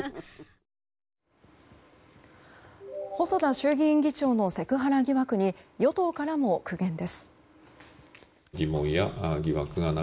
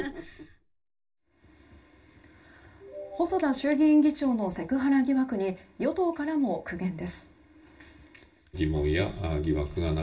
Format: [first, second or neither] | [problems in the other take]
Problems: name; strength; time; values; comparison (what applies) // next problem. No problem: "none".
first | room echo; dies away in 0.2 s